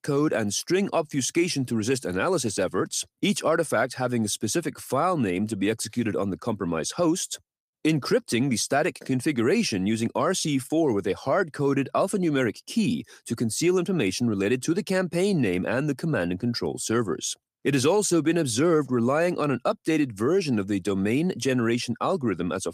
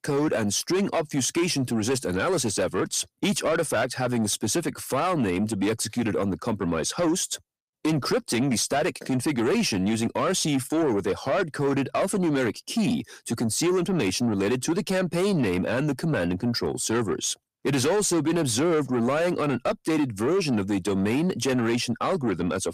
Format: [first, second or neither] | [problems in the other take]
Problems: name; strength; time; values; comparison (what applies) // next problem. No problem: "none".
first | distortion; slight; 10 dB below the speech